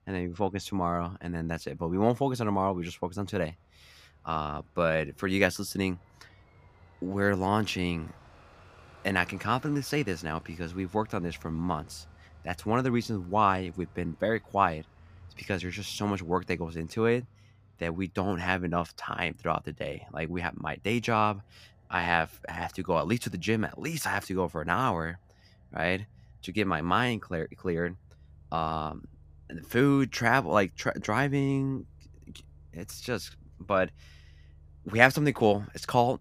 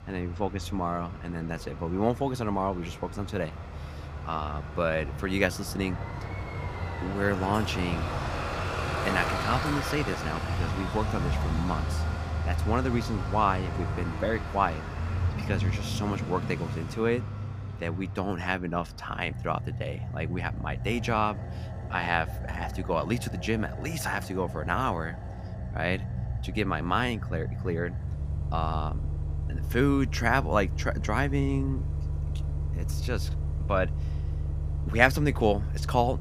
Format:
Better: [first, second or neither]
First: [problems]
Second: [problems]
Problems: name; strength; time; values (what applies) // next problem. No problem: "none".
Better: first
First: traffic noise; faint; throughout; 25 dB below the speech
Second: traffic noise; loud; throughout; 4 dB below the speech